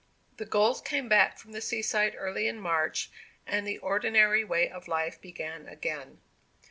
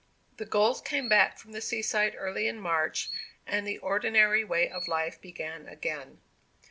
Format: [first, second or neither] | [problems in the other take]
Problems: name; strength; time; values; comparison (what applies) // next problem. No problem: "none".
first | background sound (Chirp, tweet); 14 dB below the speech